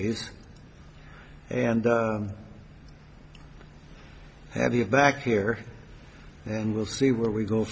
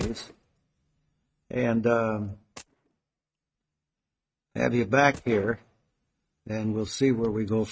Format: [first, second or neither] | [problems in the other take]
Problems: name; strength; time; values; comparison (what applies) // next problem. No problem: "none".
first | noise reduction (neural mask model RNNoise)